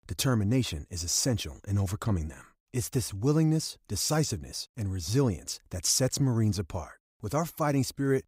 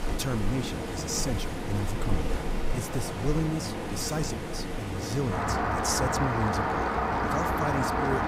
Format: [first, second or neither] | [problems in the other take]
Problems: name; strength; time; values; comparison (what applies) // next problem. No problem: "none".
first | rain or running water; very loud; throughout; 2 dB above the speech